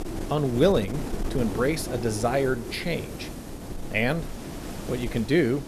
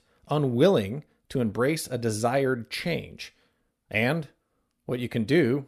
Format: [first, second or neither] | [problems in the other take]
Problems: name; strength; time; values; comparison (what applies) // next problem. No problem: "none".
second | wind noise on the microphone; occasional gusts; 10 dB below the speech